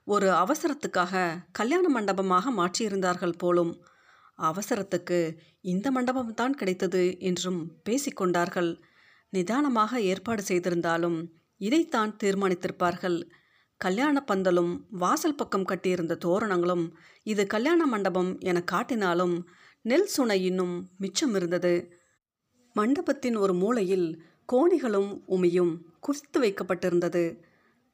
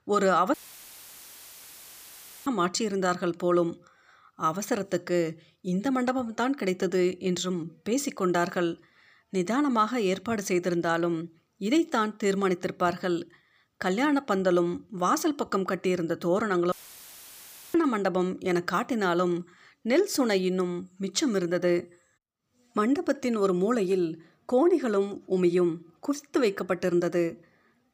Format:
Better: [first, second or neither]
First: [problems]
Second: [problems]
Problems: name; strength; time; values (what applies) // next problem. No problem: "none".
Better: first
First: none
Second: audio cutting out; filled with static; at 0.5 s for 2 s and at 17 s for 1 s